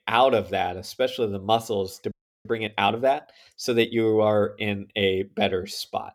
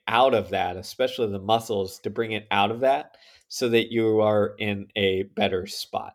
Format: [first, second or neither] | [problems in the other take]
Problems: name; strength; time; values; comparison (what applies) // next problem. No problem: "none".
second | audio freezing; at 2 s